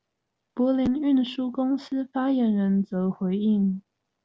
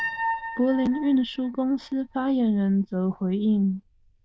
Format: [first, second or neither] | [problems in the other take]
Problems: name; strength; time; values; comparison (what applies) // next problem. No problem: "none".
first | noise reduction (neural diffusion model UNIVERSE++)